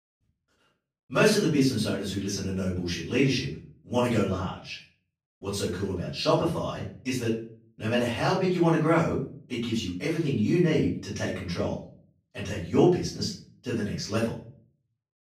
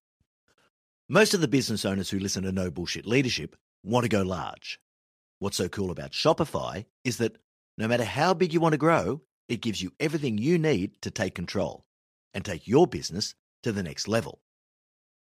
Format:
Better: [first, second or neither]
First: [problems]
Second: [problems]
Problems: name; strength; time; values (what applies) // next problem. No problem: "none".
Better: second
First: room echo; noticeable; dies away in 0.4 s // off-mic speech; far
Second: none